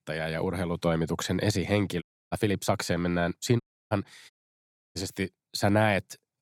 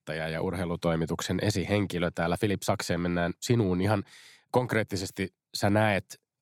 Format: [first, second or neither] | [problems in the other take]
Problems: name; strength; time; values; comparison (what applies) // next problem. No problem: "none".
second | audio cutting out; at 2 s, at 3.5 s and at 4.5 s for 0.5 s